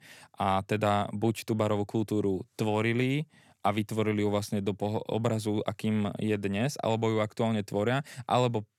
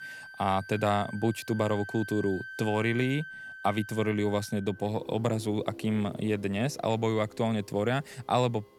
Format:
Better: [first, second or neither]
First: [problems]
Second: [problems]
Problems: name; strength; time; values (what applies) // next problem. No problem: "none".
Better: first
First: none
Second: background music; noticeable; throughout; 15 dB below the speech